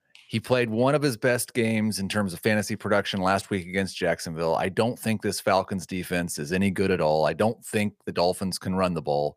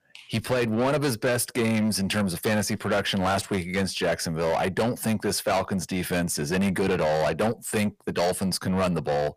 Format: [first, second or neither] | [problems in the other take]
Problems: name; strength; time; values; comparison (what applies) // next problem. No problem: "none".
first | distortion; heavy; 8 dB below the speech